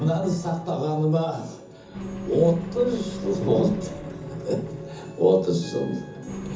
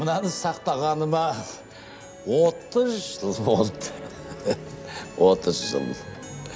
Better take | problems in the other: second | background sound (Engine); 12 dB below the speech // room echo; dies away in 0.6 s

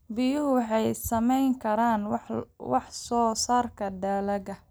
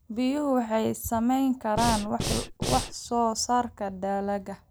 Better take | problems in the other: first | background sound (Breathing); 3 dB below the speech

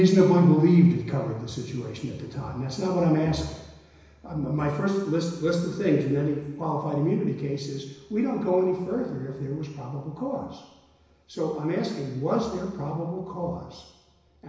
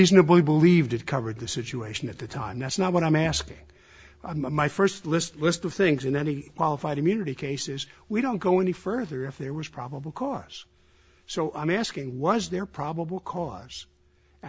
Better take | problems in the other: second | room echo; dies away in 1 s

